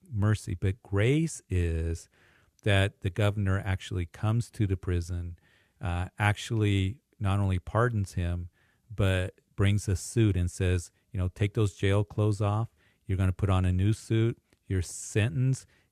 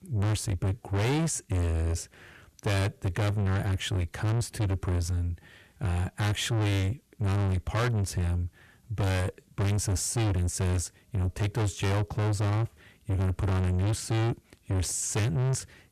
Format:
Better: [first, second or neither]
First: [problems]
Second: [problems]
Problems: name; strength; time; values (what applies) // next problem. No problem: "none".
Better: first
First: none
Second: distortion; heavy; 6 dB below the speech